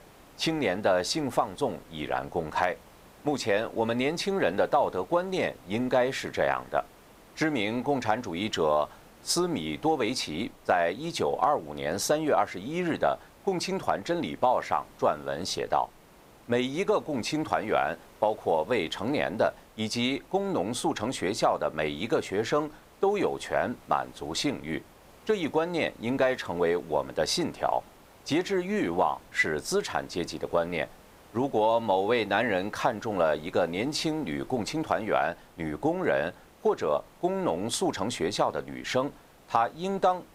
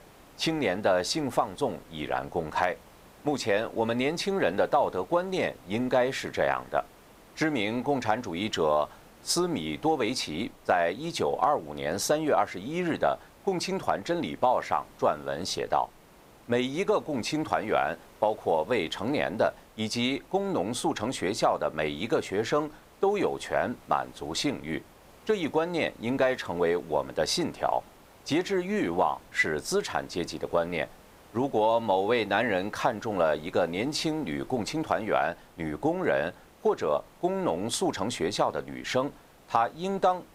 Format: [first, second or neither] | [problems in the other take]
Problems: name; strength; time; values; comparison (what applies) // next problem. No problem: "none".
neither | hiss; faint; throughout; 25 dB below the speech; the same in both